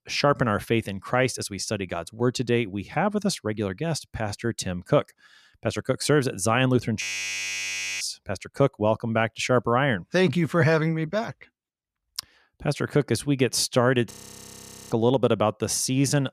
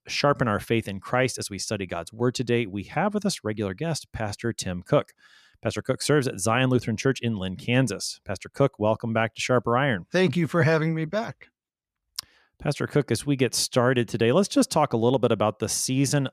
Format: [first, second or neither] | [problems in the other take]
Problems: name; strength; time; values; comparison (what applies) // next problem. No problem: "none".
second | audio freezing; at 7 s for 1 s and at 14 s for 1 s